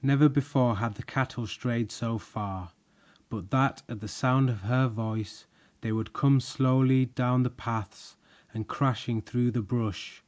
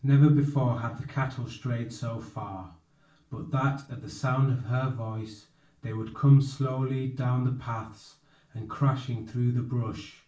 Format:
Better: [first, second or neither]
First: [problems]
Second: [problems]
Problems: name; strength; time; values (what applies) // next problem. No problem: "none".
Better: first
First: none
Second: room echo; dies away in 0.3 s